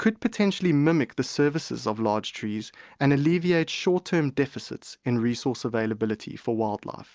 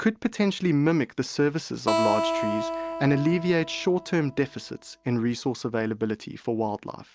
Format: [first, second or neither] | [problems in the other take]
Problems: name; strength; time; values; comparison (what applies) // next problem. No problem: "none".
first | background sound (Acoustic guitar); 5 dB below the speech